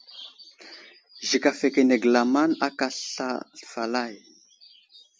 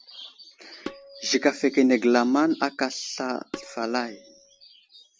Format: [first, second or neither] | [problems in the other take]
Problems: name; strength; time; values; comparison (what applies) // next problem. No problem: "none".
first | background sound (Tabla); 17 dB below the speech